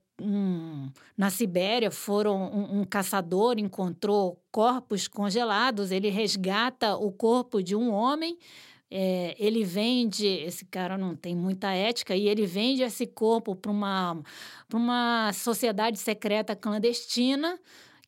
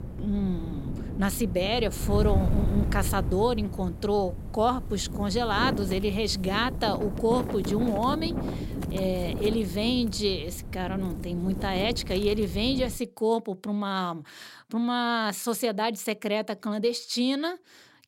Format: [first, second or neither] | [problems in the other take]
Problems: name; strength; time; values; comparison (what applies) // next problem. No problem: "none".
first | wind noise on the microphone; occasional gusts; until 13 s; 10 dB below the speech